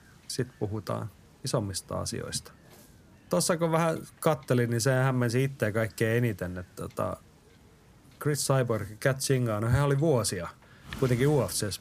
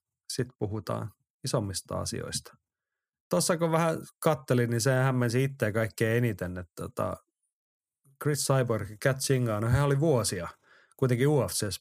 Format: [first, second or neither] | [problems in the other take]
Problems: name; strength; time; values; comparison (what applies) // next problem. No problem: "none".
second | wind noise on the microphone; occasional gusts; 25 dB below the speech